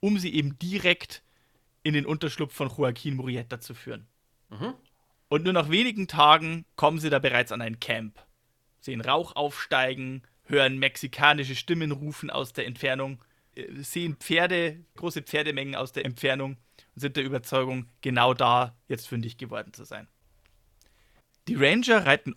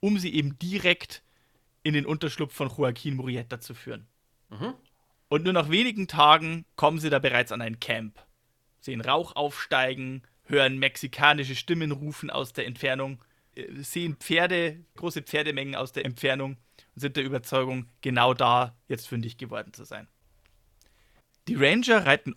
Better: neither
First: none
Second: none

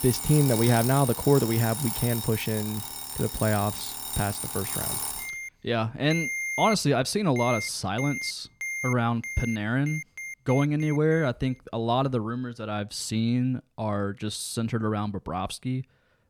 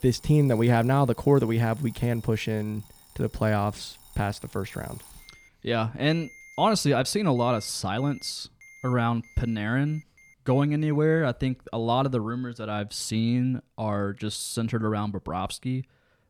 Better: second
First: alarms or sirens; loud; until 11 s; 5 dB below the speech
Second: alarms or sirens; faint; until 11 s; 25 dB below the speech

